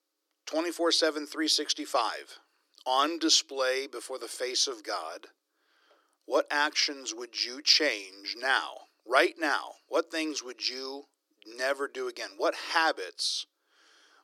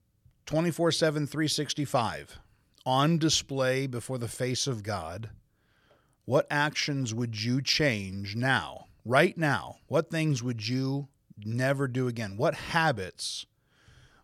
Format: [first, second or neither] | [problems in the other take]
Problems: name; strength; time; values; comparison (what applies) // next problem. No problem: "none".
second | thin; very; fading below 300 Hz